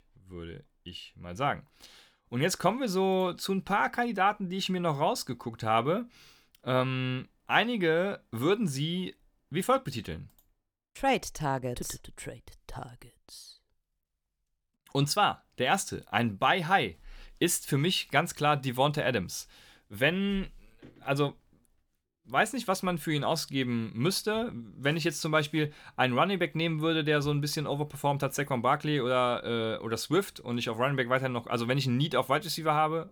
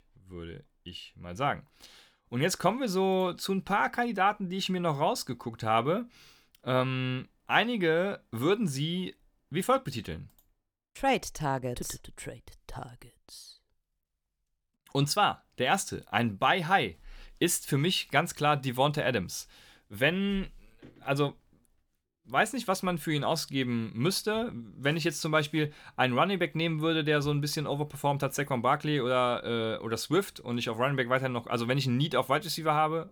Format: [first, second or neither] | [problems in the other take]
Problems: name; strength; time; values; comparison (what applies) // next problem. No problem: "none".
neither | none